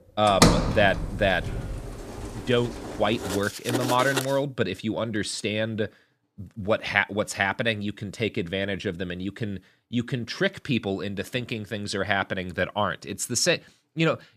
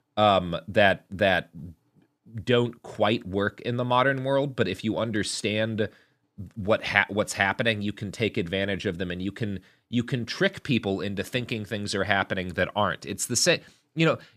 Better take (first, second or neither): second